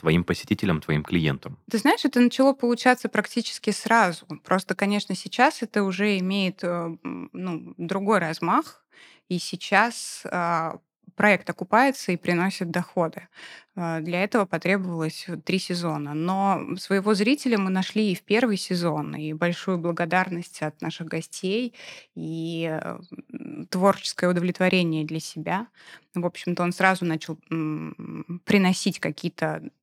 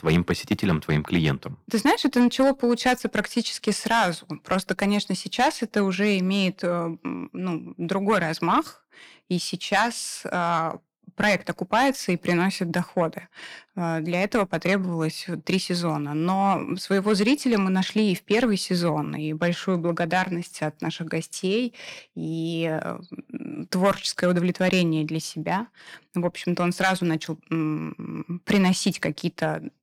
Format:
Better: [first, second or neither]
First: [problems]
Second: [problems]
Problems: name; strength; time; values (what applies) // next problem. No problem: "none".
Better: first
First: none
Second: distortion; slight; 10 dB below the speech